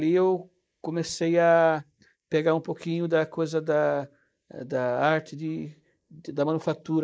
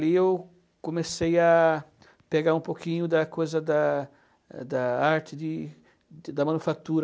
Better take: second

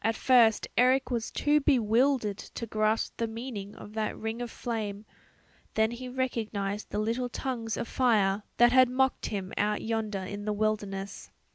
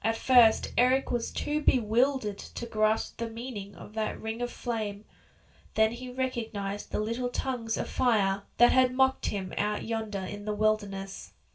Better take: first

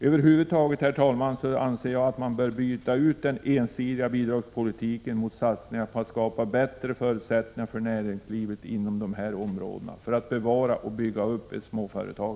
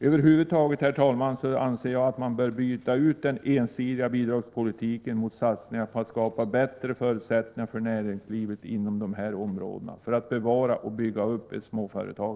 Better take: first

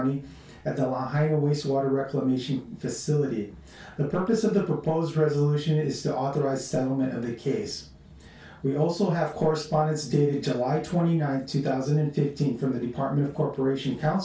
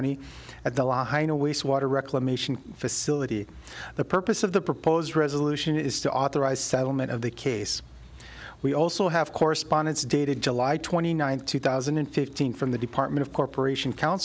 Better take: second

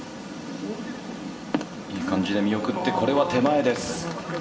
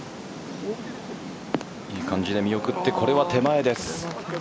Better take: second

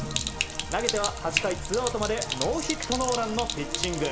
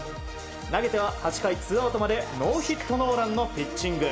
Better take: second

